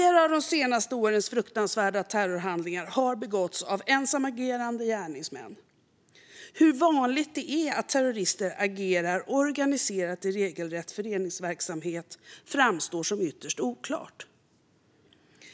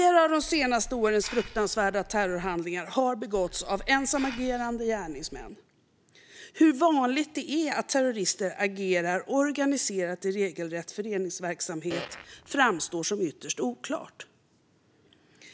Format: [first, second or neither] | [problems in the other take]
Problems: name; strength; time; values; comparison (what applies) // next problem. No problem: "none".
first | background sound (Hiss + Fart); 15 dB below the speech